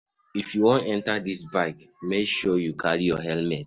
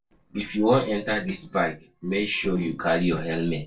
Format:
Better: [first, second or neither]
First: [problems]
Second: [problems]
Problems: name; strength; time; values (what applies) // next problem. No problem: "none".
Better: first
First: none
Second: noise reduction (neural separator model SepFormer DNS4)